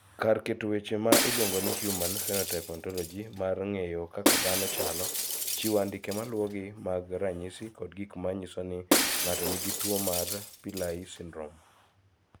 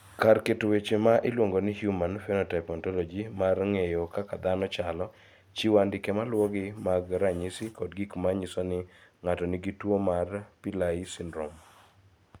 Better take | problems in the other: second | background sound (Shatter); 2 dB above the speech

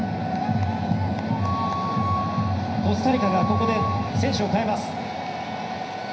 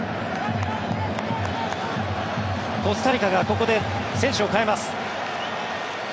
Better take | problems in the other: second | background sound (Wind instrument, woodwind instrument); 8 dB below the speech // room echo; dies away in 0.9 s

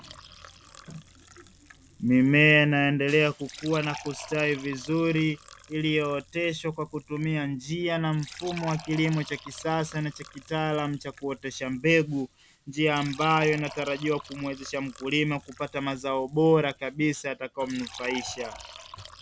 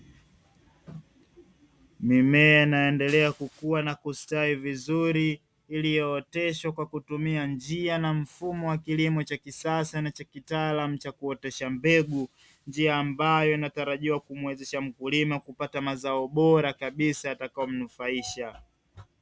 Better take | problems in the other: second | background sound (Fill (with liquid) / Trickle, dribble); 19 dB below the speech

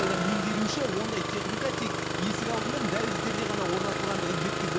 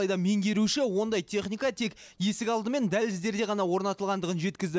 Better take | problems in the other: second | background sound (Engine starting); 2 dB above the speech // room echo; dies away in 0.2 s

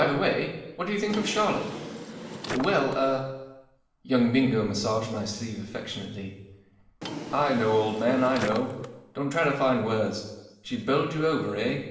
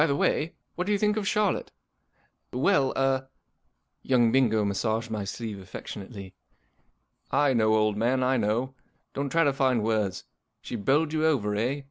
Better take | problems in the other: second | background sound (Drawer open or close); 11 dB below the speech // room echo; dies away in 1 s

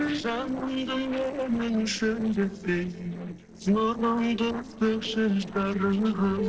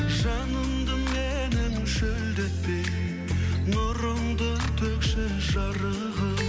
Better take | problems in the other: second | noise reduction (neural separator model SepFormer DNS4)

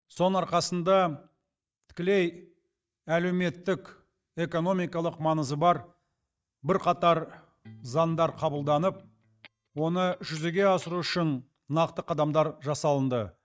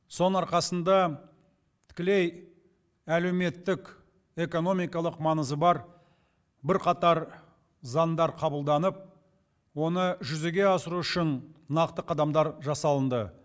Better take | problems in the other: second | noise reduction (neural mask model DeepFilterNet 3)

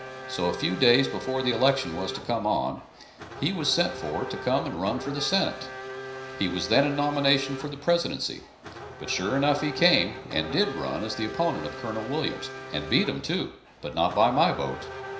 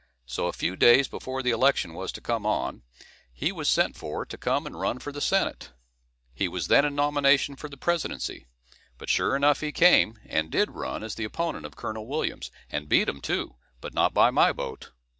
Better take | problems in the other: second | background sound (Race car, auto racing / Accelerating, revving, vroom); 11 dB below the speech // room echo; dies away in 0.5 s

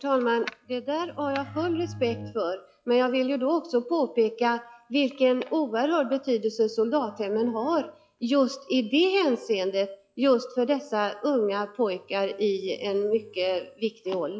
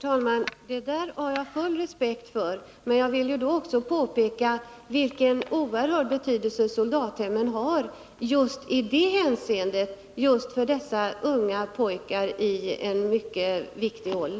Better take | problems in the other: second | noise reduction (classical method log-MMSE)

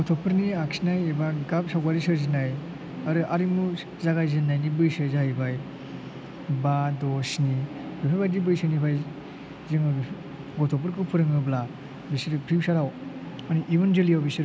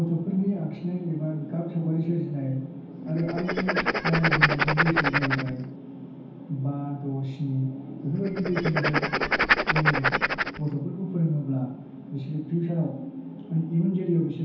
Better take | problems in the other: first | background sound (Writing); 2 dB above the speech // room echo; dies away in 0.9 s

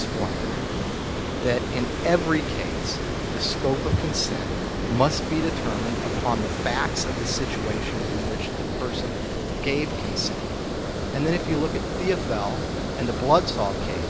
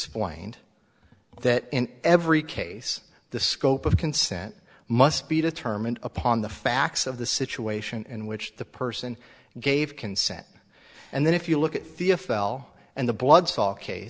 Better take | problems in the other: second | background sound (Water); as loud as the speech

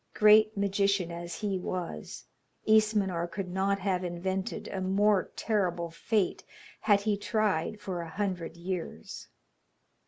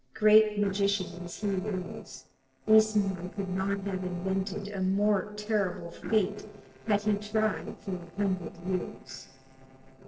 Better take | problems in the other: first | noise reduction (neural separator model SepFormer DNS4)

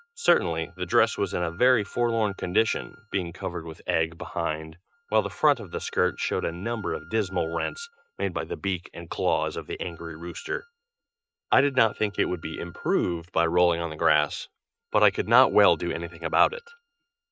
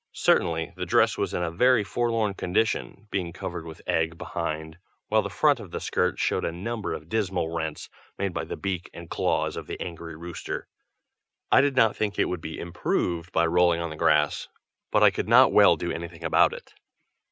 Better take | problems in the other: second | noise reduction (neural mask model RNNoise)

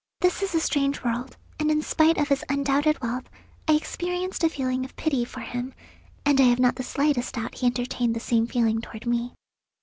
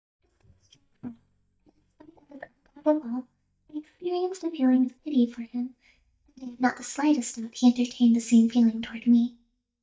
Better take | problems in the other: first | noise reduction (neural mask model DeepFilterNet 3)

